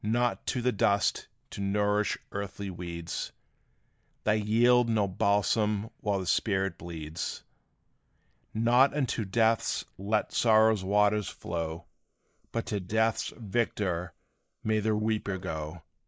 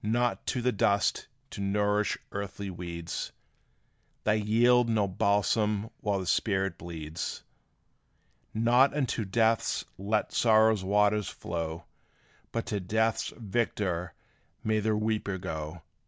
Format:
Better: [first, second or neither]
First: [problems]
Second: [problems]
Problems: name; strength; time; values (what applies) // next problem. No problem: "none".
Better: second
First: noise reduction (neural mask model Resemble Enhance denoiser)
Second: none